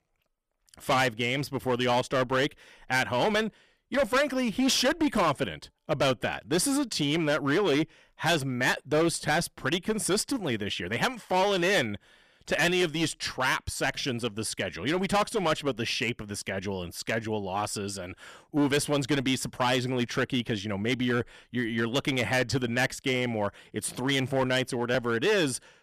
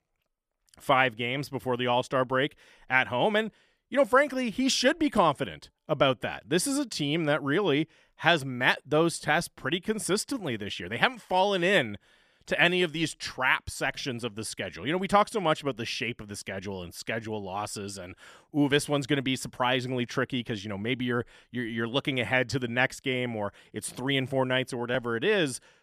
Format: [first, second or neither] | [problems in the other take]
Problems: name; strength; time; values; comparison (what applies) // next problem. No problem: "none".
second | distortion; heavy; 10% of the sound clipped